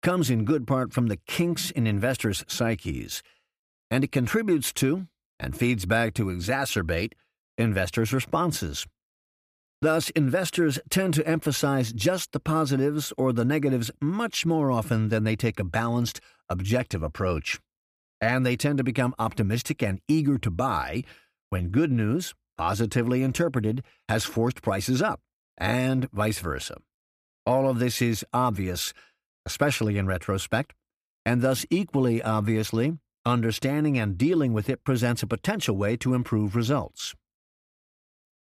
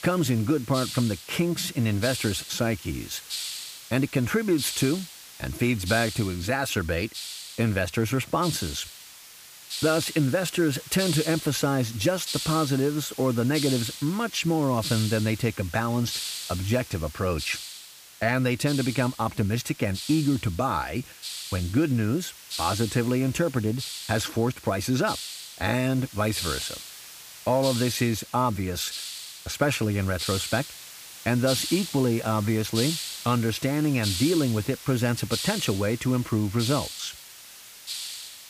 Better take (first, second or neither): first